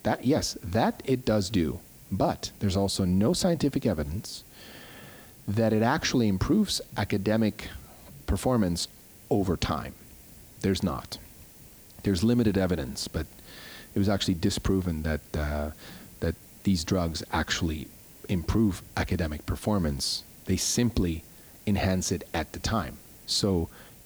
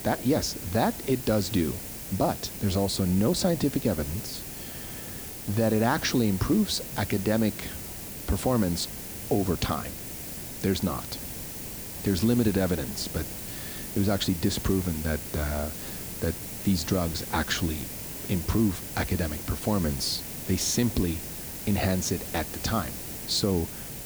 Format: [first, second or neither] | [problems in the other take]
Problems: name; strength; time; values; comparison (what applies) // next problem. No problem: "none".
first | hiss; loud; throughout; 8 dB below the speech; faint in the first